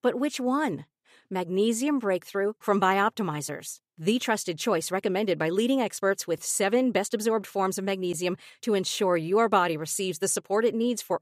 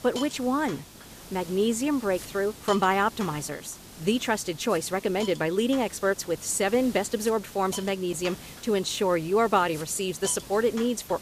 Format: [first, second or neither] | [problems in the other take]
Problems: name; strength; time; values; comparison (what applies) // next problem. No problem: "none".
first | hiss; noticeable; throughout; 15 dB below the speech